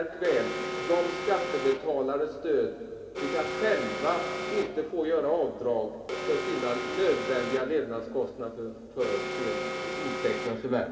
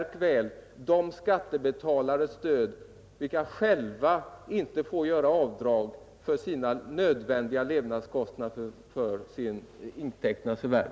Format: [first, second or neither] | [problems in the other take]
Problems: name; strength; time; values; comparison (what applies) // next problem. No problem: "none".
second | background sound (Alarm); 6 dB below the speech // room echo; dies away in 2.5 s